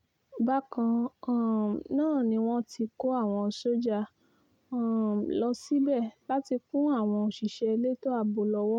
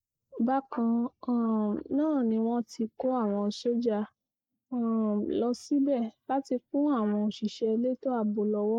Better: first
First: none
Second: noise reduction (neural mask model Resemble Enhance denoiser)

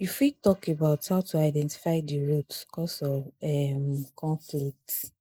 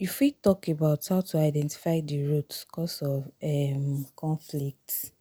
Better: second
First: noise reduction (neural mask model Resemble Enhance denoiser)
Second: none

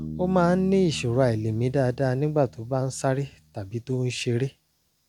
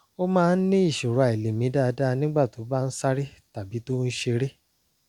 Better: second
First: background sound (Bass guitar); 16 dB below the speech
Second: none

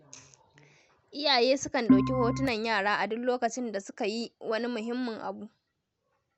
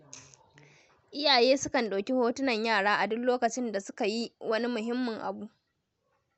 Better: second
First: background sound (Organ); 4 dB above the speech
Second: none

